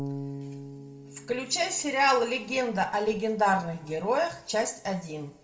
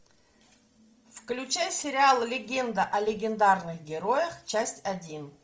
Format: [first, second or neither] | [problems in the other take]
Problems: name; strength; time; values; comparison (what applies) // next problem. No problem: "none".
second | background sound (Bass guitar); 15 dB below the speech // room echo; dies away in 1.3 s